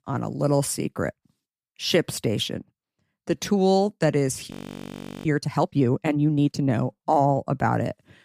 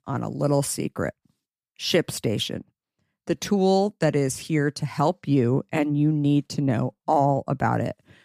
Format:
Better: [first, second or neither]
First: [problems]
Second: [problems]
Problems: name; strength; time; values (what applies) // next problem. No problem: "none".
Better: second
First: audio freezing; at 4.5 s for 1 s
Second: none